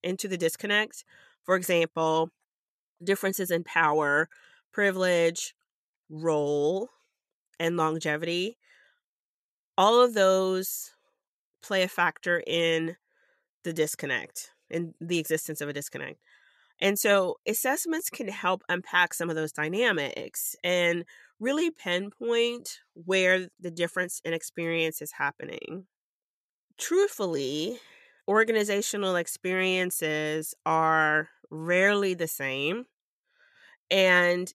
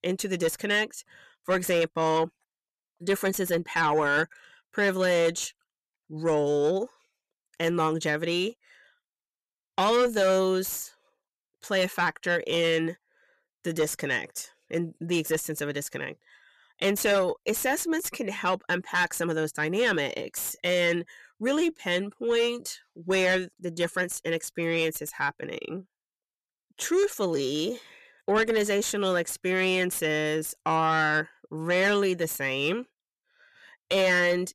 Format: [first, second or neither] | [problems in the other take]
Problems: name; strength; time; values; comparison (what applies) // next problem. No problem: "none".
first | distortion; slight; 10 dB below the speech